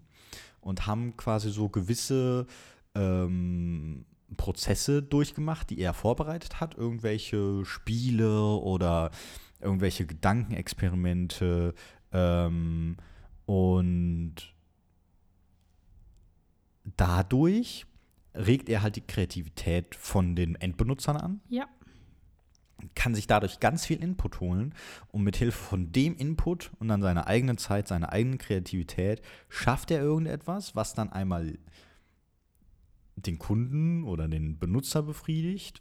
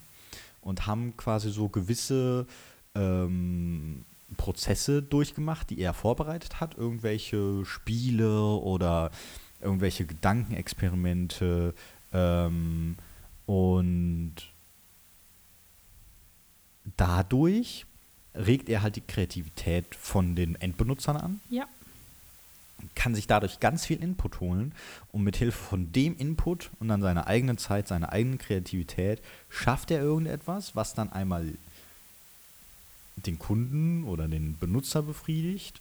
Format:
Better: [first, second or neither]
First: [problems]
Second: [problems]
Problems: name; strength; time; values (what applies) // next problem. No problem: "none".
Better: first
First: none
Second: hiss; faint; throughout; 25 dB below the speech